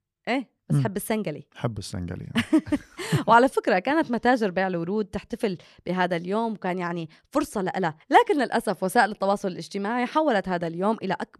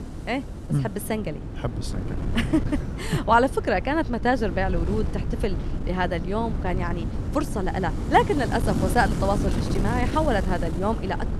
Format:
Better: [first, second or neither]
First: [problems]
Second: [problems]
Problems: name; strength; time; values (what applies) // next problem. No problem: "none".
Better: first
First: none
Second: wind noise on the microphone; occasional gusts; 10 dB below the speech